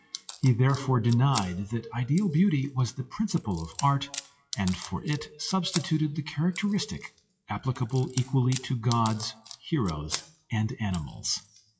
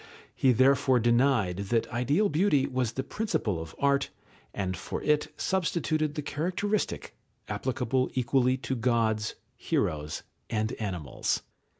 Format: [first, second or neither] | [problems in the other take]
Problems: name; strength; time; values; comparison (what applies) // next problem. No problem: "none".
second | noise reduction (classical method WPE with log-MMSE)